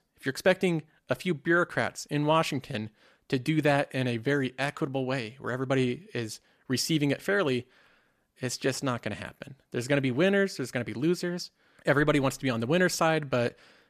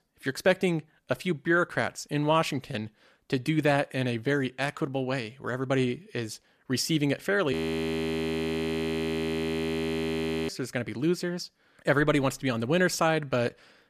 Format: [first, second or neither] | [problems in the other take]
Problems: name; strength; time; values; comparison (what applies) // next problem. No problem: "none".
first | audio freezing; at 7.5 s for 3 s